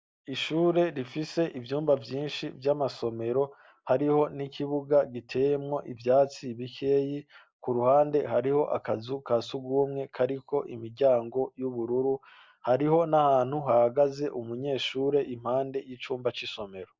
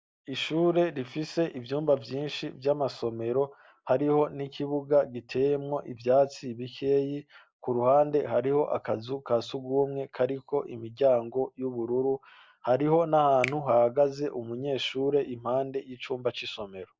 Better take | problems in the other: first | background sound (Finger snapping); 16 dB below the speech

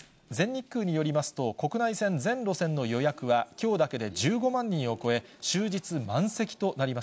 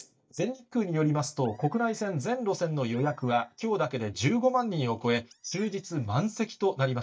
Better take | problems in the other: first | noise reduction (neural mask model DeepFilterNet 3)

